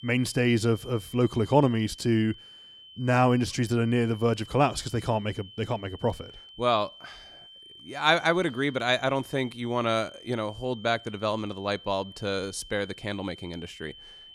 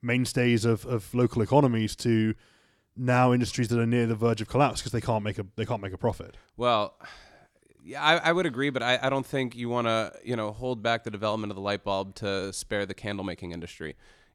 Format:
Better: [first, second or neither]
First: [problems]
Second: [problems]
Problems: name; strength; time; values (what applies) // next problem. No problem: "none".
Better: second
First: high-pitched whine; noticeable; throughout; 3 kHz, 20 dB below the speech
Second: none